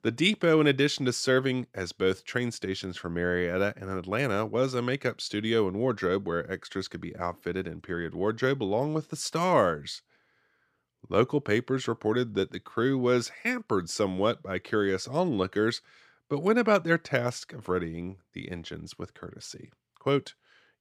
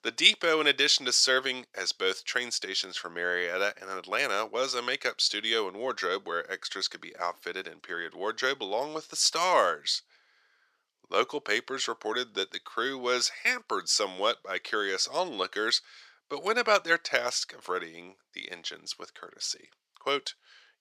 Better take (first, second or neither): first